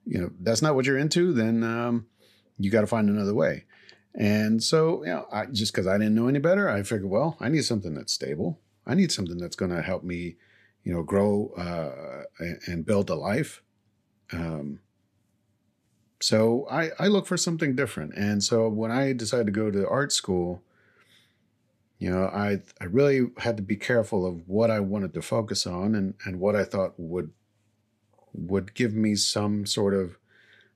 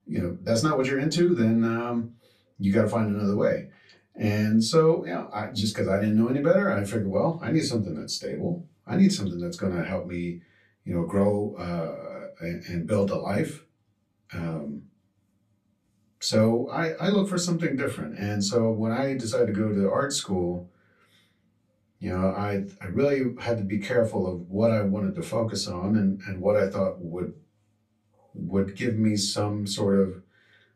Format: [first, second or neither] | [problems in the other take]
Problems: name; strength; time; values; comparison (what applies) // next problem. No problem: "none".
first | off-mic speech; far // room echo; very slight; dies away in 0.2 s